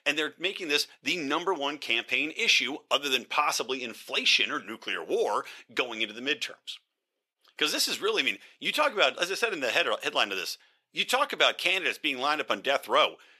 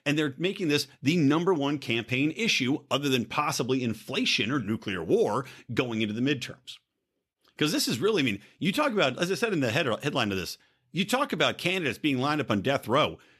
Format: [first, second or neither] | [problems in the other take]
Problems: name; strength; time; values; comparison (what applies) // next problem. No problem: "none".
second | thin; somewhat; fading below 600 Hz